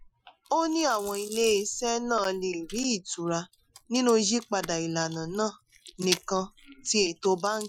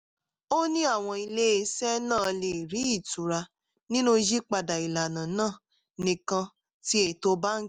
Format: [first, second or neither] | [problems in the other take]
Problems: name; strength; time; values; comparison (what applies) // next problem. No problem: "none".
second | noise reduction (classical method Wiener filter)